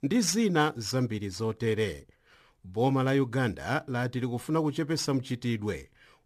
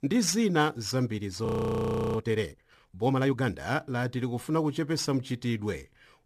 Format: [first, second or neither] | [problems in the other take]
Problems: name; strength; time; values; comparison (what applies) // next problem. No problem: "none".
first | audio freezing; at 1.5 s for 0.5 s